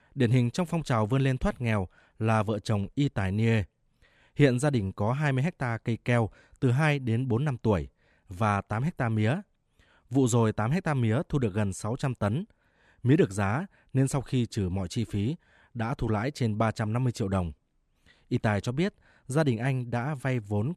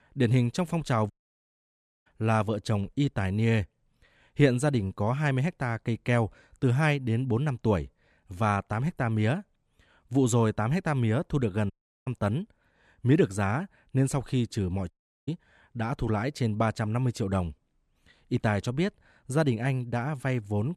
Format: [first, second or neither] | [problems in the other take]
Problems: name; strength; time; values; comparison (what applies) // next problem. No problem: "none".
first | audio cutting out; at 1 s for 1 s, at 12 s and at 15 s